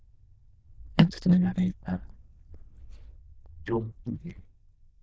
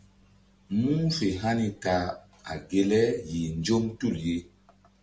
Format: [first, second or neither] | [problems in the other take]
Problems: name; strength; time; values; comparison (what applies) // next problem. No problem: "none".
second | noise reduction (neural diffusion model UNIVERSE++)